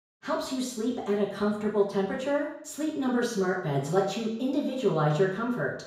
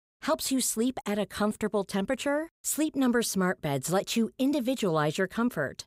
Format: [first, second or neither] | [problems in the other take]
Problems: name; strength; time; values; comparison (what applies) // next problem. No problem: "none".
second | room echo; noticeable; dies away in 0.7 s // off-mic speech; far